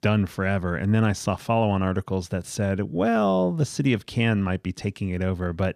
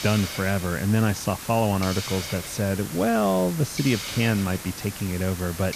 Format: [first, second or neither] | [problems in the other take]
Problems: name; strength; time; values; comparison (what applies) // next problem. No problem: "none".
first | hiss; loud; throughout; 9 dB below the speech